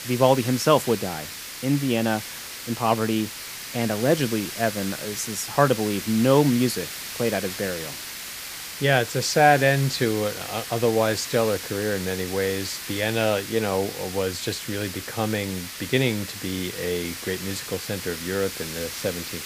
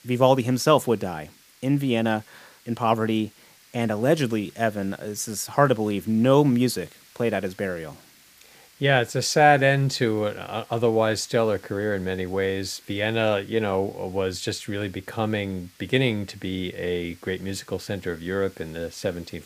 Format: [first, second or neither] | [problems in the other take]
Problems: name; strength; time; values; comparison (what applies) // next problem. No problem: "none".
second | hiss; loud; throughout; 8 dB below the speech; faint in the second